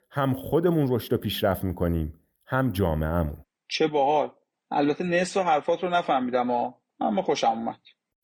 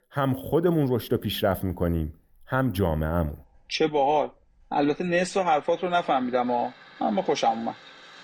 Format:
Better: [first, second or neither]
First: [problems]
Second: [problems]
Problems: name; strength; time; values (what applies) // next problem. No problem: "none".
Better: first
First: none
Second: household noises; faint; throughout; 25 dB below the speech